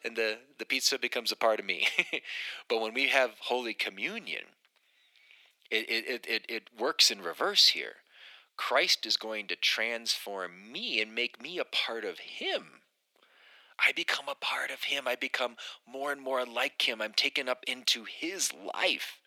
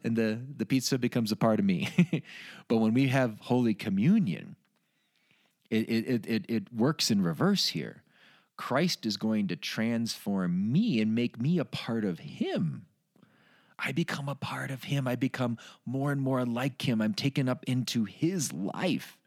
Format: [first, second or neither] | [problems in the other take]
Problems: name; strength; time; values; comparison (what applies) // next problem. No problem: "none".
second | thin; very; fading below 450 Hz